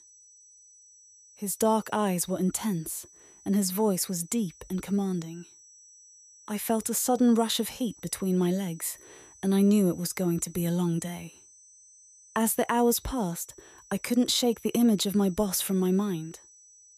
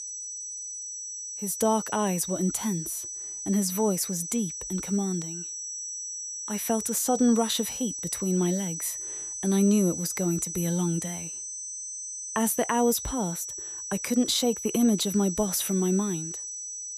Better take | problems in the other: first | high-pitched whine; loud; throughout; 6 kHz, 6 dB below the speech; faint in the first

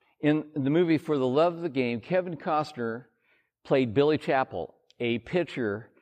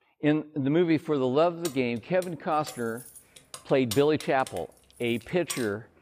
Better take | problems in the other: first | jangling keys; noticeable; from 1.5 s on; peak 9 dB below the speech

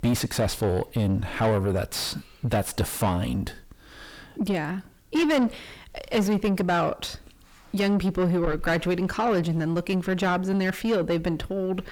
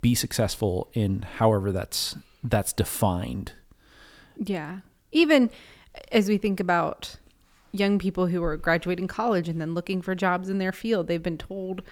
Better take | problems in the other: second | distortion; heavy; 7 dB below the speech

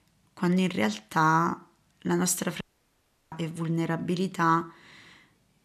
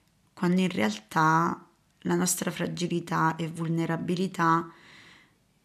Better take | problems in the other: second | audio cutting out; at 2.5 s for 0.5 s

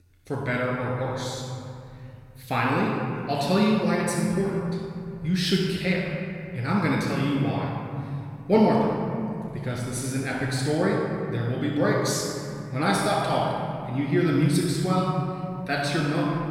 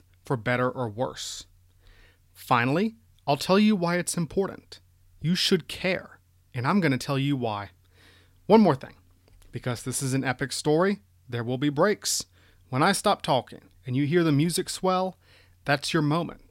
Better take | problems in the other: second | room echo; strong; dies away in 3 s // off-mic speech; far

